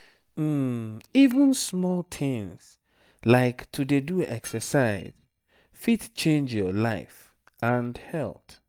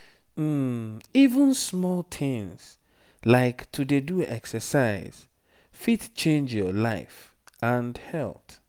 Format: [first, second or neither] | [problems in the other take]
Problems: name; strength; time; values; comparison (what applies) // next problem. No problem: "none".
second | noise reduction (neural mask model DeepFilterNet 3)